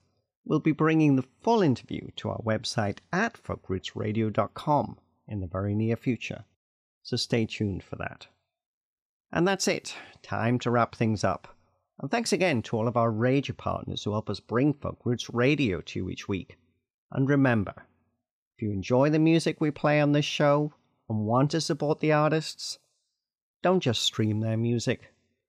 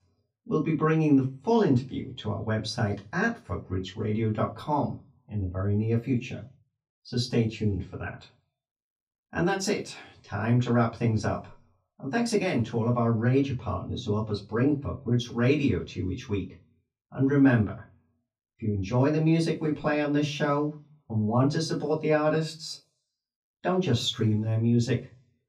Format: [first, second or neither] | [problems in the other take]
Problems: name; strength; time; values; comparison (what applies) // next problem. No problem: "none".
first | off-mic speech; far // room echo; very slight; dies away in 0.2 s